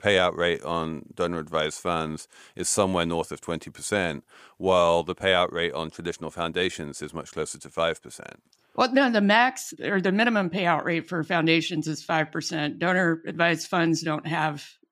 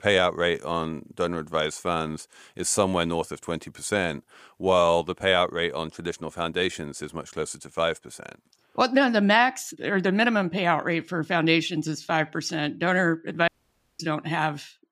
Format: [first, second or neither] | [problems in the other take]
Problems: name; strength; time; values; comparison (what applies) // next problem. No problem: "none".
first | audio cutting out; at 13 s for 0.5 s